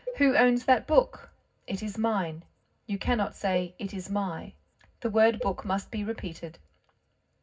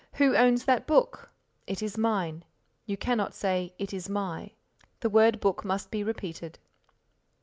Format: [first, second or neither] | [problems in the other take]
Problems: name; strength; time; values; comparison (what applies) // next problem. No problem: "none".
second | background sound (Cowbell); 16 dB below the speech // room echo; dies away in 0.4 s